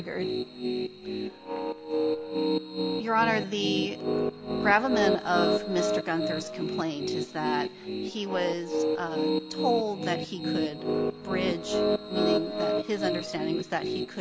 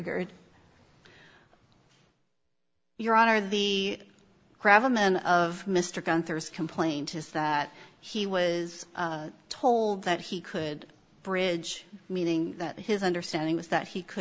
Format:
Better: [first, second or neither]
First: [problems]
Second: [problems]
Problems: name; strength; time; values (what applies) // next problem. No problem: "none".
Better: second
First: background sound (Piano); 2 dB above the speech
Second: none